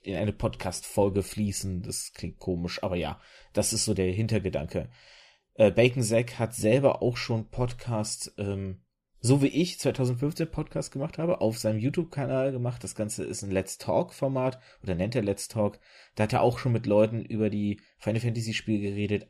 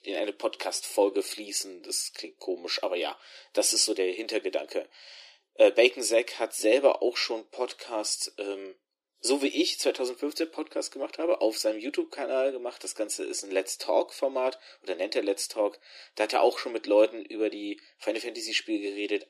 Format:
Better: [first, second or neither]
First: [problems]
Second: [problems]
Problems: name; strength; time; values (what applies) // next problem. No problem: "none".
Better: first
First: none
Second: thin; very; fading below 300 Hz